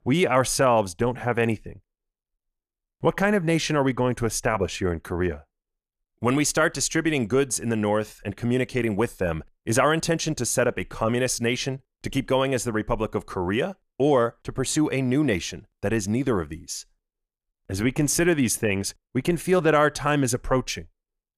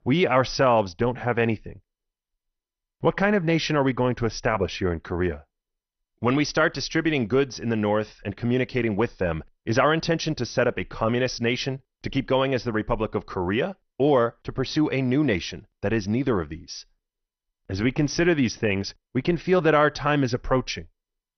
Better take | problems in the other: first | garbled, watery; slightly; nothing above 6 kHz

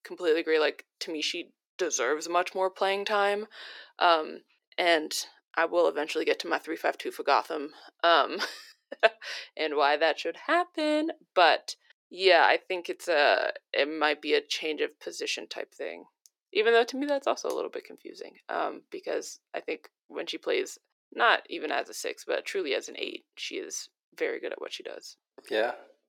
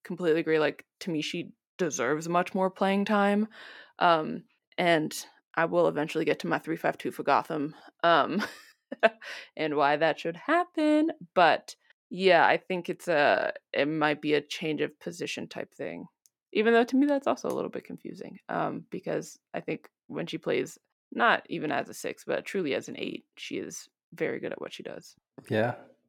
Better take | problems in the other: second | thin; somewhat; fading below 350 Hz

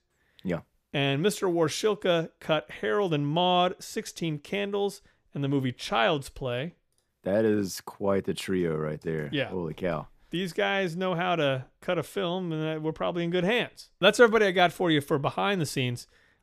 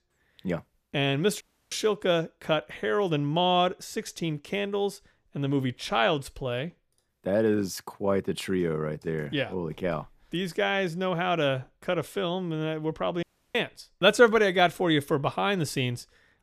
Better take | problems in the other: first | audio cutting out; at 1.5 s and at 13 s

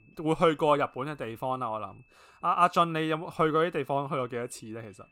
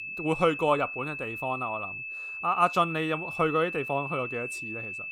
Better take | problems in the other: first | high-pitched whine; loud; throughout; 2.5 kHz, 6 dB below the speech; faint in the first

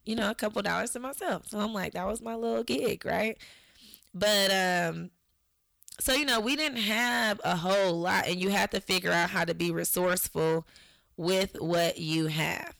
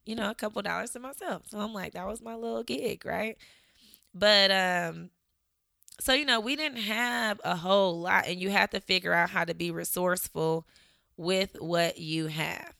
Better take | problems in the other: second | distortion; heavy; 6 dB below the speech

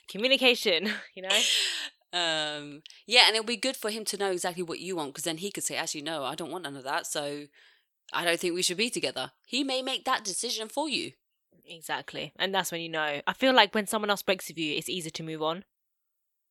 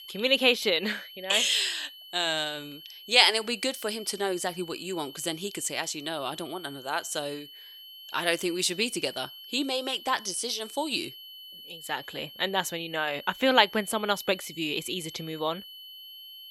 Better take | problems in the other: first | high-pitched whine; noticeable; throughout; 3 kHz, 15 dB below the speech

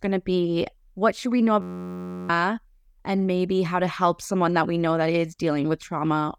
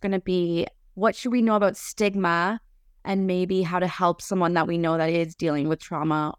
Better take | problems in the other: second | audio freezing; at 1.5 s for 0.5 s

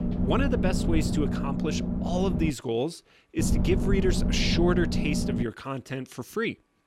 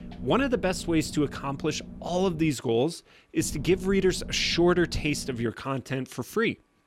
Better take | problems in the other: second | low rumble; loud; until 2.5 s and from 3.5 to 5.5 s; 5 dB below the speech; faint in the second

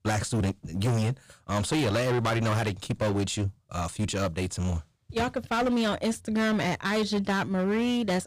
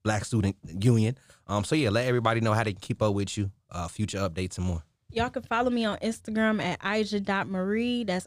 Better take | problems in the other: second | distortion; heavy; 19% of the sound clipped

